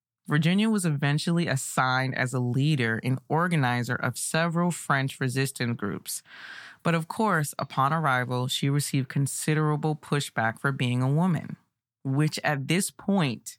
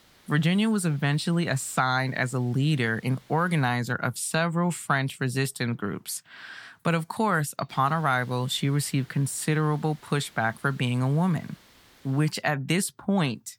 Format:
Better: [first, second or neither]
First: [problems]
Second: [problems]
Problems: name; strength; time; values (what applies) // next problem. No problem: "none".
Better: first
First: none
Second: hiss; faint; until 3.5 s and from 7.5 to 12 s; 30 dB below the speech